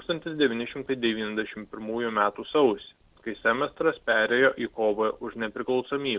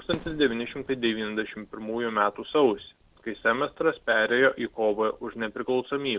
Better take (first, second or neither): first